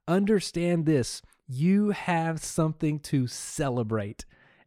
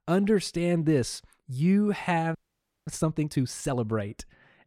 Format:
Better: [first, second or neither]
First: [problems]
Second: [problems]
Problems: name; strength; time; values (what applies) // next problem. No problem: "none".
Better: first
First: none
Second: audio freezing; at 2.5 s for 0.5 s